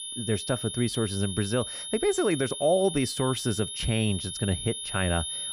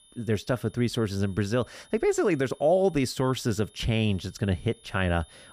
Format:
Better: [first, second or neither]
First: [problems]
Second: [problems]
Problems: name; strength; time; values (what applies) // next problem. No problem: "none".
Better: second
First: high-pitched whine; loud; throughout; 3.5 kHz, 6 dB below the speech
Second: high-pitched whine; faint; throughout; 3.5 kHz, 30 dB below the speech